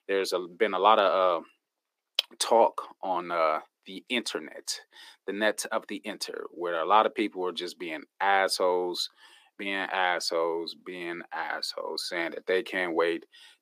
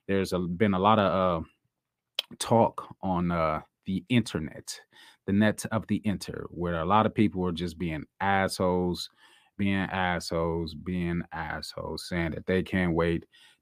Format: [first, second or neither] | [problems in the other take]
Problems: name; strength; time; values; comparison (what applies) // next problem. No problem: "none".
second | thin; very; fading below 350 Hz